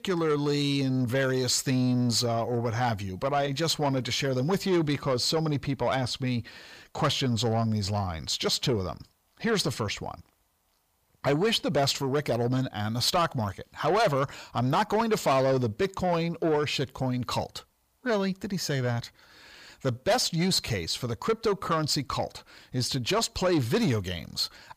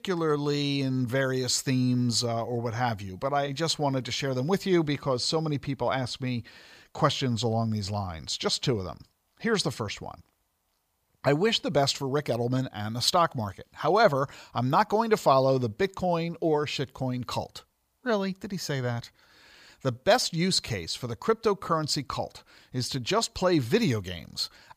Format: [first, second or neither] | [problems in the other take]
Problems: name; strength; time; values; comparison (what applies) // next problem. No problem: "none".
second | distortion; slight; 10 dB below the speech